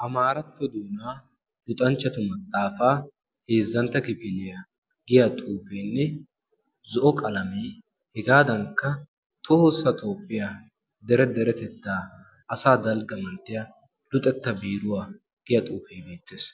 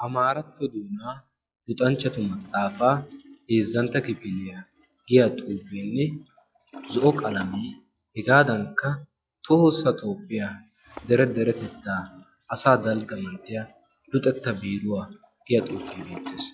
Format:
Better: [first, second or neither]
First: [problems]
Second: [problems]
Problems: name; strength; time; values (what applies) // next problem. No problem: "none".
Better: first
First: none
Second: noise reduction (classical method log-MMSE)